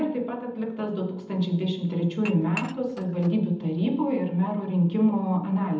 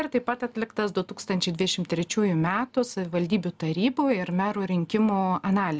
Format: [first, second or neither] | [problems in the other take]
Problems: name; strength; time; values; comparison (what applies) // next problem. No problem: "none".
second | background sound (Dishes, pots, and pans / Chink, clink); 17 dB below the speech // room echo; dies away in 0.8 s